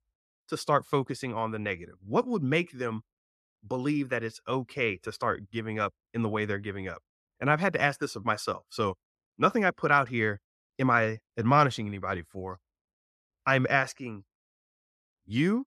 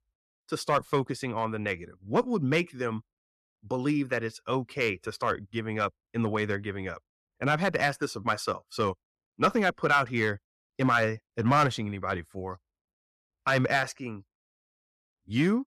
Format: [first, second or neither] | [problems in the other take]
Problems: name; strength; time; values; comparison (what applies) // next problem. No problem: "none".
first | distortion; slight; 1.2% of the sound clipped